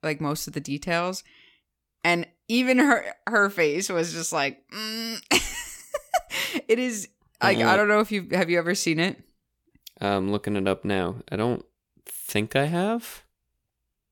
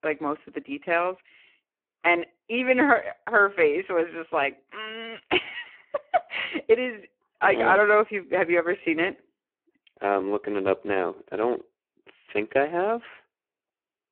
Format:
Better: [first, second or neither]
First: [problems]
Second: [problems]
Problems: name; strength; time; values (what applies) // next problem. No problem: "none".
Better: first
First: none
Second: phone-call audio; poor line